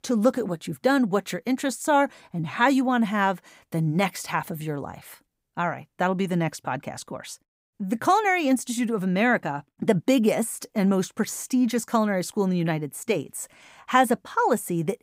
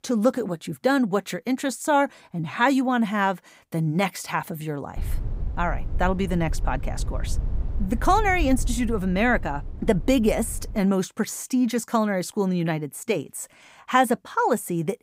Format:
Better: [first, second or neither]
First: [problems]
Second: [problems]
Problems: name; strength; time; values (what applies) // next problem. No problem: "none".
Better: first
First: none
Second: low rumble; faint; from 5 to 11 s; 25 dB below the speech